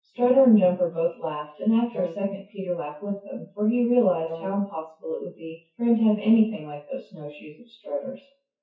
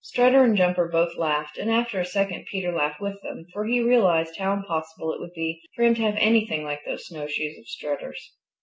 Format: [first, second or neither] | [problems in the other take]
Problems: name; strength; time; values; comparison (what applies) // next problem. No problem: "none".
second | noise reduction (classical method WPE with log-MMSE)